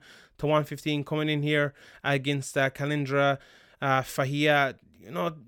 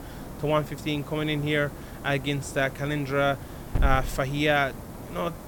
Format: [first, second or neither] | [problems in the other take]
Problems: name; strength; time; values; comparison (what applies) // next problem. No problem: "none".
first | hiss; loud; throughout; 10 dB below the speech